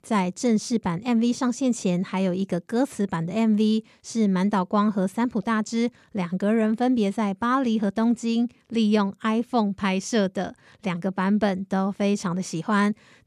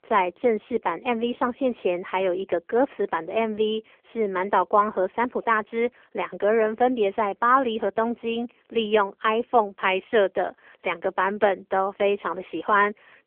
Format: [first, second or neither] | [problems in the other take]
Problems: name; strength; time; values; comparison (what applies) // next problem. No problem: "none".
first | phone-call audio; poor line; nothing above 3.5 kHz